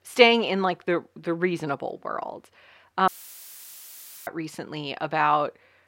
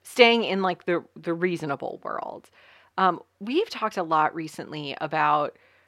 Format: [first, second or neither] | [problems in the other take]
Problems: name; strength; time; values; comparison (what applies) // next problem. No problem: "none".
second | audio cutting out; filled with static; at 3 s for 1 s